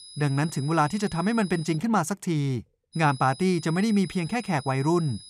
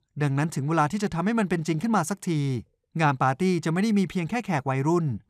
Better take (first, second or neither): second